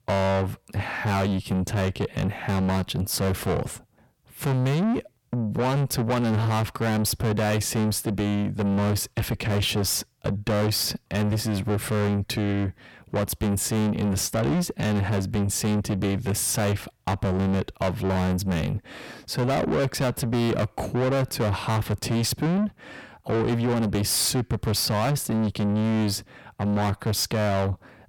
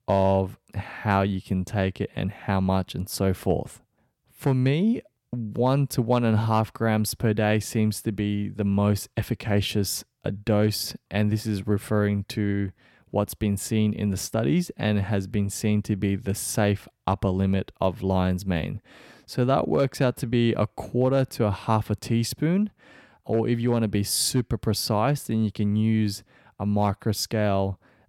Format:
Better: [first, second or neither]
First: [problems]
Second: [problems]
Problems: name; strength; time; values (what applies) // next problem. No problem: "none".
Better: second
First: distortion; heavy; 6 dB below the speech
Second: none